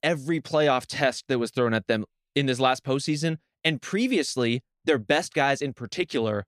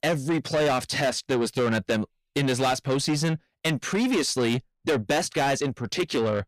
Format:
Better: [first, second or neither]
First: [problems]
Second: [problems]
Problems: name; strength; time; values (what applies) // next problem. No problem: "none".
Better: first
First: none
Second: distortion; heavy; 8 dB below the speech